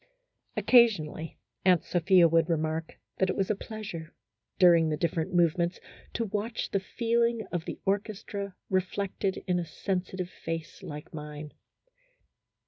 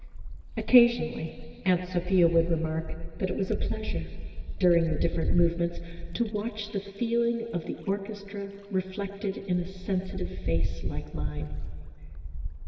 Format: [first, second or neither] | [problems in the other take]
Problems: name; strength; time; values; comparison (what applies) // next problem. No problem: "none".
first | background sound (Wind); 3 dB below the speech // room echo; dies away in 2.3 s